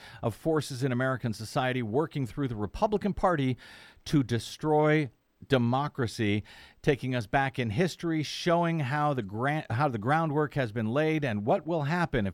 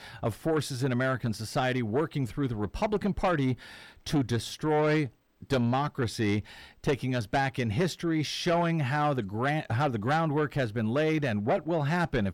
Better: first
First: none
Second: distortion; slight; 10 dB below the speech

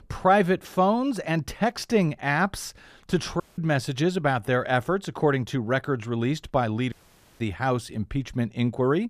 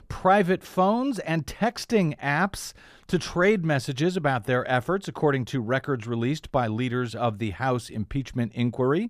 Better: second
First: audio cutting out; at 3.5 s and at 7 s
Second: none

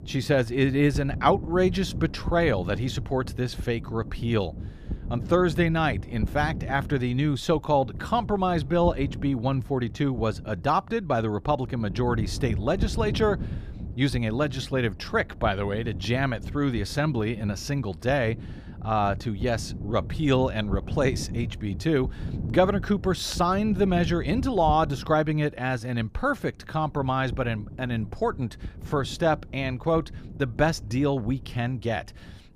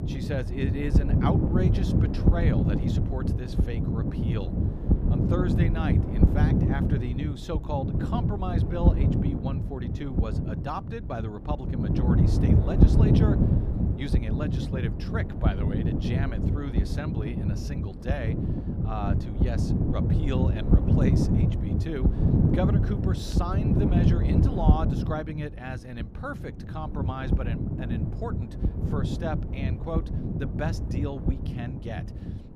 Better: first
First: wind noise on the microphone; occasional gusts; 20 dB below the speech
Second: wind noise on the microphone; heavy; 1 dB above the speech

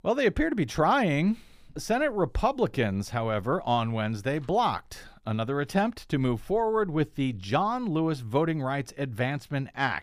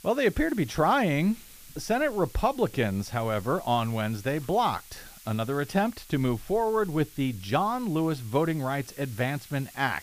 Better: first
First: none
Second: hiss; faint; throughout; 20 dB below the speech

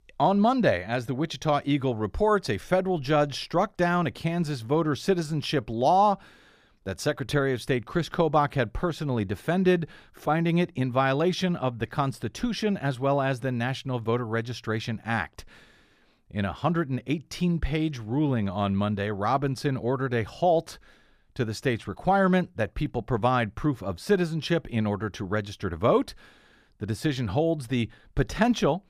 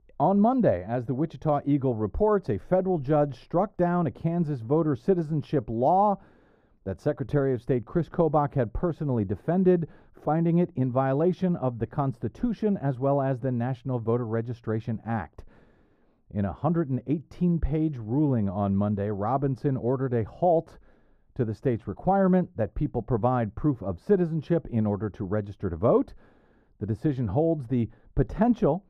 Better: first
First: none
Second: muffled; very; fading above 1.5 kHz

